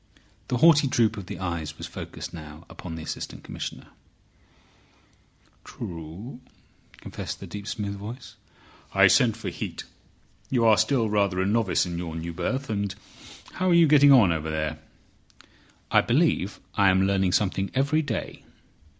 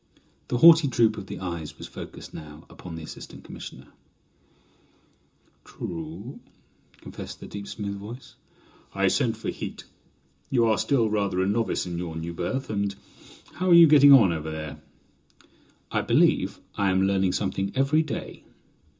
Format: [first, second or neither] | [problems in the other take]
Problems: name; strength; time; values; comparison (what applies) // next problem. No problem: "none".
first | room echo; dies away in 0.2 s